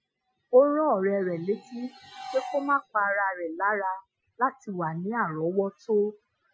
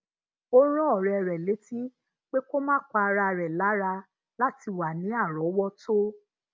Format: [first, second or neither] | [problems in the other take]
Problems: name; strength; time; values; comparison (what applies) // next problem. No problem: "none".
second | noise reduction (classical method Wiener filter)